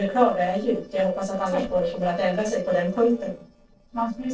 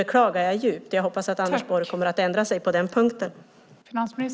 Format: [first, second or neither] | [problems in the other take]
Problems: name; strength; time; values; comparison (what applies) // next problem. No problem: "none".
second | noise reduction (neural separator model SepFormer DNS4)